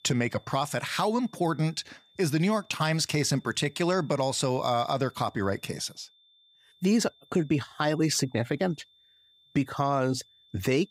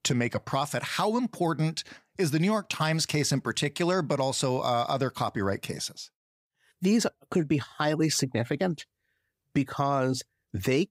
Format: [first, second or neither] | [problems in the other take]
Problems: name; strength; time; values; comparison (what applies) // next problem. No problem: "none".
second | high-pitched whine; faint; throughout; 3.5 kHz, 30 dB below the speech